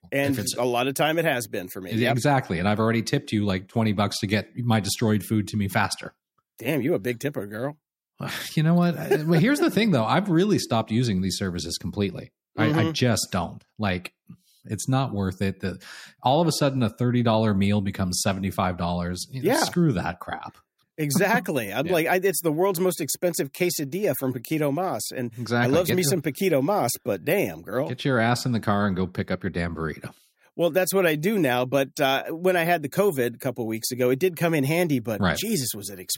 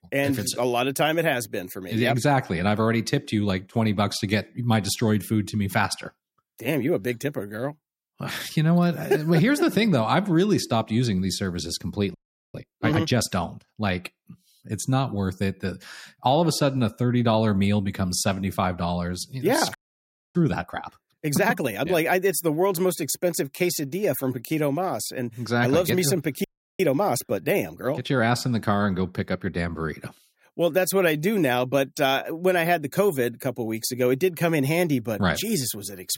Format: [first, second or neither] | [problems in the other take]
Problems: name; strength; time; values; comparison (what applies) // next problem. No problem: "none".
first | audio freezing; at 12 s, at 20 s for 0.5 s and at 26 s